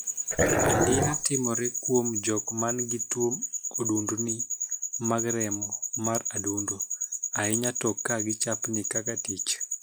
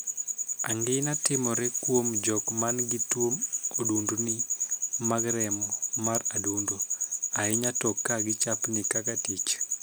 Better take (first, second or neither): second